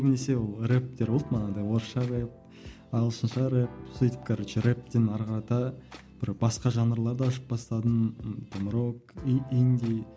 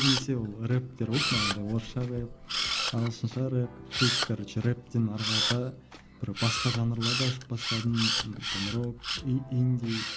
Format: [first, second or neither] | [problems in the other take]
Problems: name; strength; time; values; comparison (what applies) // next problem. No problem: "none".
first | background sound (Camera); 3 dB below the speech